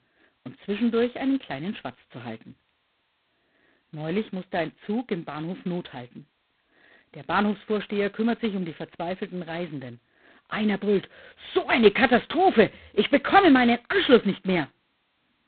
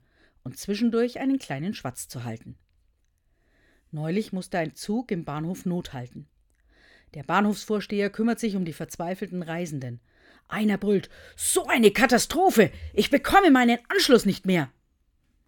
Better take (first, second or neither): second